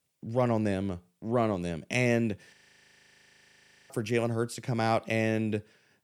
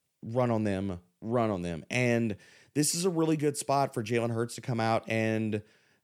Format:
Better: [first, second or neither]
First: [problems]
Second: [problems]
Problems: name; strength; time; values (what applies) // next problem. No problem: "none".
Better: second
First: audio freezing; at 2.5 s for 1.5 s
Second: none